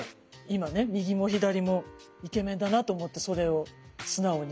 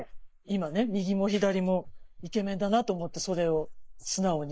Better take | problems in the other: first | noise reduction (neural mask model Resemble Enhance denoiser)

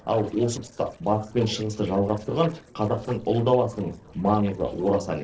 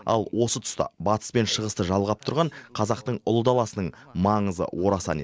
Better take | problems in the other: second | noise reduction (neural separator model SepFormer DNS4)

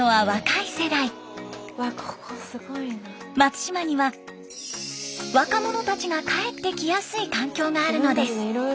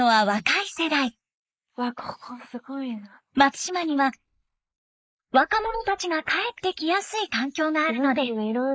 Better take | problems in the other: first | noise reduction (neural mask model Resemble Enhance denoiser)

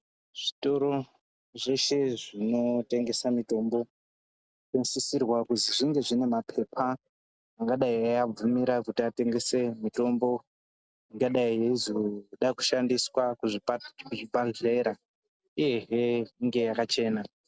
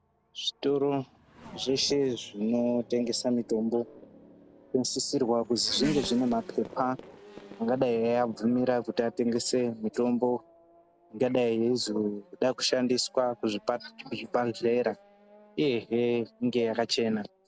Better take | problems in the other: first | background sound (Race car, auto racing / Accelerating, revving, vroom); 19 dB below the speech

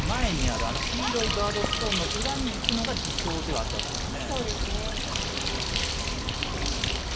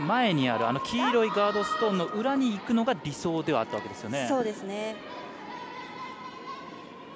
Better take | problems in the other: second | background sound (Bird); 5 dB above the speech // room echo; dies away in 0.9 s

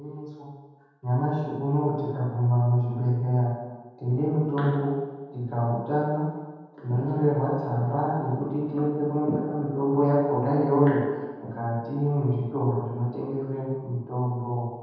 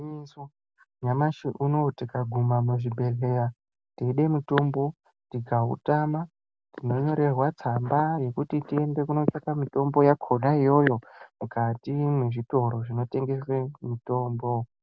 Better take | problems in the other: second | room echo; dies away in 1.2 s

